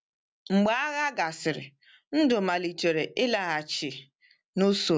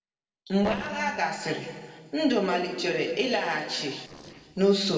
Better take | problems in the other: first | noise reduction (neural separator model SepFormer DNS4)

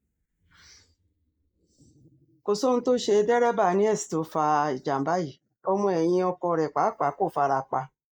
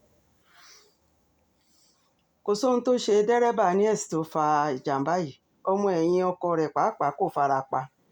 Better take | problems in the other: second | noise reduction (neural mask model Resemble Enhance denoiser)

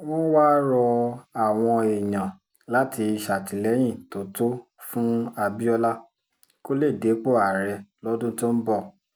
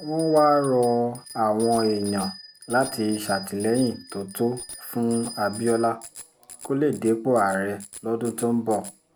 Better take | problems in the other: first | background sound (Bicycle bell); 17 dB below the speech

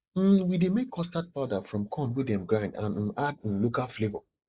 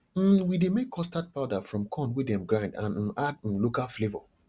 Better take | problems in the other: second | noise reduction (neural mask model Resemble Enhance denoiser)

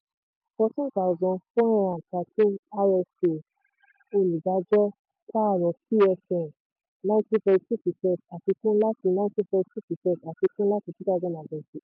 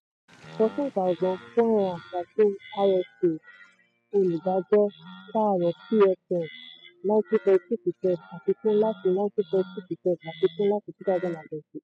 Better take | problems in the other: first | noise reduction (classical method spectral subtraction)

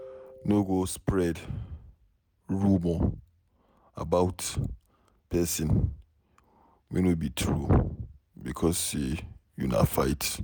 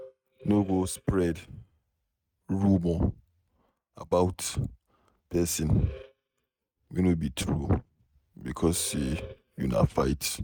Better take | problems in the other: first | noise reduction (neural mask model RNNoise)

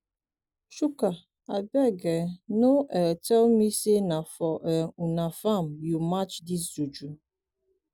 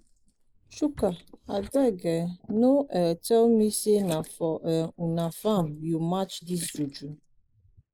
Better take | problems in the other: first | noise reduction (neural mask model Resemble Enhance denoiser)

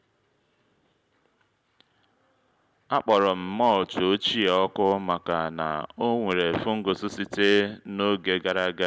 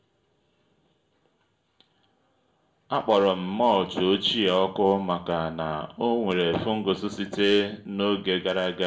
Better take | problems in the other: first | room echo; dies away in 0.4 s

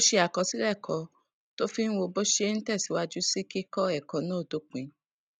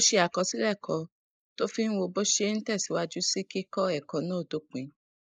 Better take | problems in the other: first | noise reduction (neural mask model Resemble Enhance denoiser)

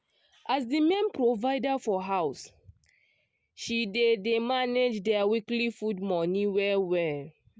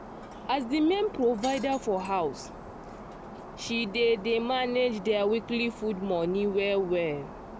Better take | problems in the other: first | background sound (Shatter); 14 dB below the speech

